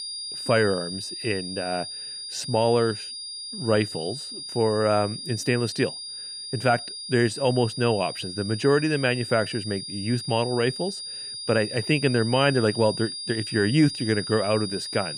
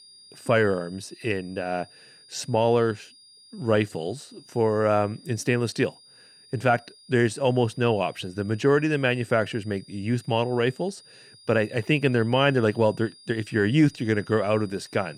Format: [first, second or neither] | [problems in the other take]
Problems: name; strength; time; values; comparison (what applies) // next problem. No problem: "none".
second | high-pitched whine; loud; throughout; 5 kHz, 8 dB below the speech; faint in the second